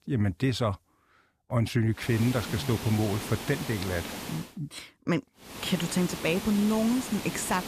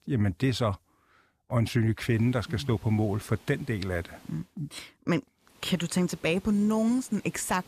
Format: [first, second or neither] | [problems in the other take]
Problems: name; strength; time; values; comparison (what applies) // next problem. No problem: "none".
second | hiss; loud; from 2 to 4.5 s and from 5.5 s on; 8 dB below the speech; faint in the second